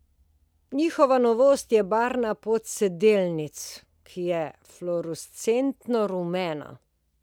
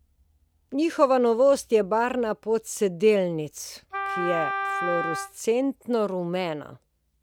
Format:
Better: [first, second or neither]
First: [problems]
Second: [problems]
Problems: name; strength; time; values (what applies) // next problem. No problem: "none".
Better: first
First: none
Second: background sound (Wind instrument, woodwind instrument); 6 dB below the speech